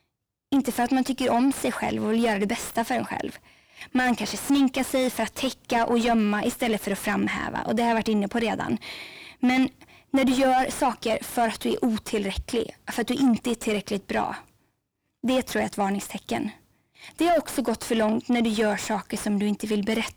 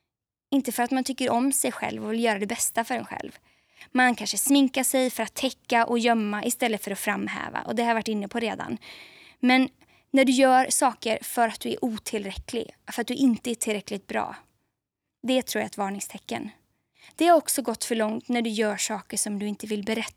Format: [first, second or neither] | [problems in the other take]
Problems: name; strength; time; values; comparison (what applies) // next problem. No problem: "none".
second | distortion; heavy; 6 dB below the speech